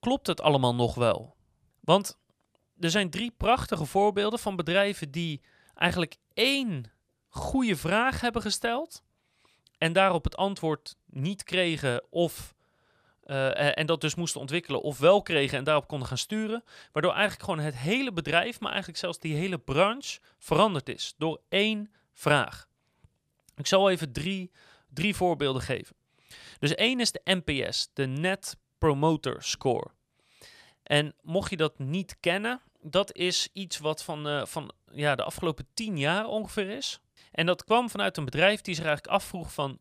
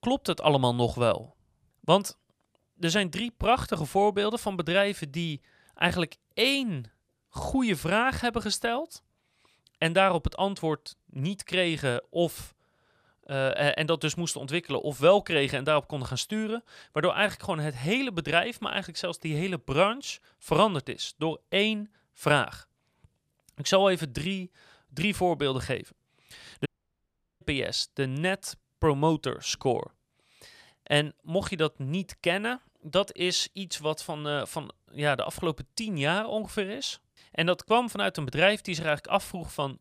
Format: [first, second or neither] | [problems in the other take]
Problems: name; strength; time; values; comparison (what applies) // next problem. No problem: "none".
first | audio cutting out; at 27 s for 1 s